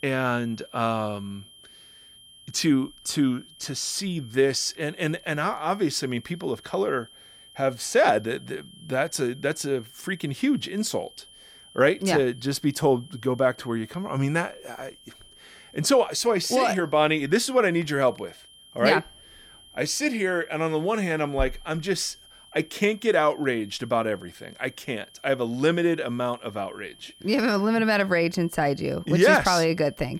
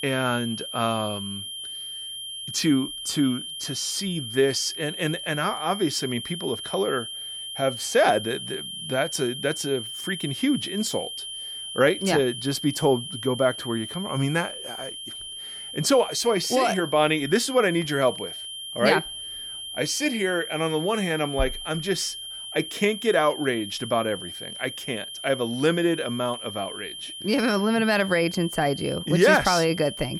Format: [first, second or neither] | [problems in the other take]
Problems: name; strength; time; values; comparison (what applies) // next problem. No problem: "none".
first | high-pitched whine; loud; throughout; 3 kHz, 9 dB below the speech; faint in the first